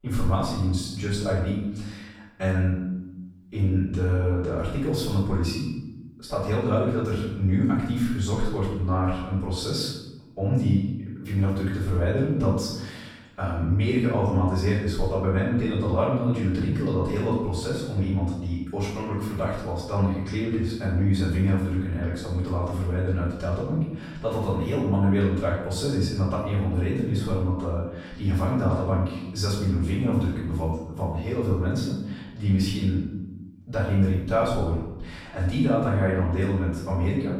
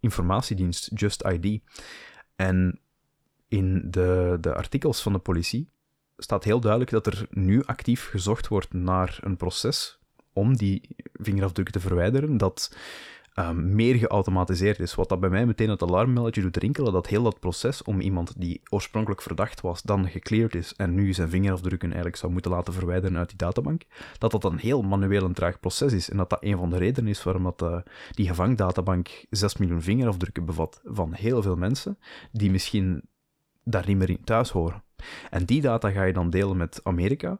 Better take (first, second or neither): second